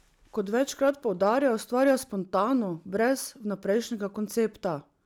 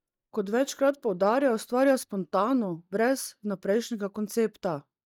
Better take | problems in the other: first | noise reduction (neural mask model DeepFilterNet 3)

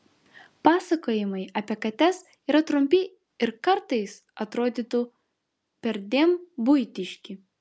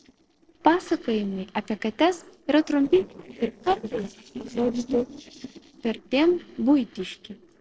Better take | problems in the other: first | noise reduction (neural separator model SepFormer DNS4)

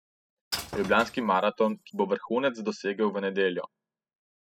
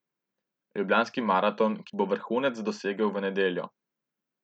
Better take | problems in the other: second | noise reduction (classical method spectral subtraction)

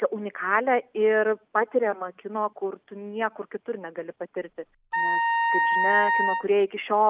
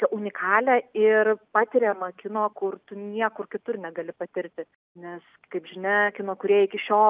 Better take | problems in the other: second | background sound (Wind instrument, woodwind instrument); 2 dB above the speech

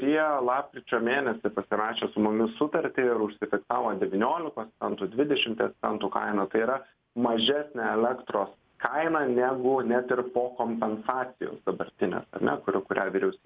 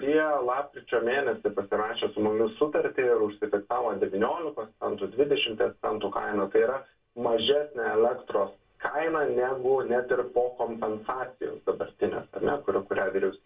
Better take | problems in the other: first | room echo; dies away in 0.1 s

